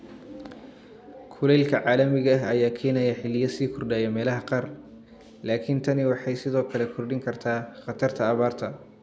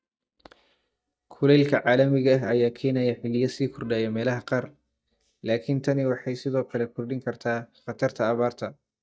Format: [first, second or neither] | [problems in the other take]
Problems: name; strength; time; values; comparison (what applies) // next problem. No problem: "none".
first | noise reduction (neural mask model DeepFilterNet 3)